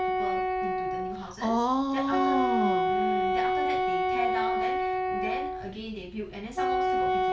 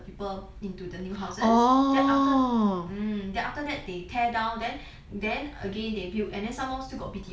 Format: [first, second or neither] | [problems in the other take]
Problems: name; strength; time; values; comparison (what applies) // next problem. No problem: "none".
second | background sound (Wind instrument, woodwind instrument); 5 dB above the speech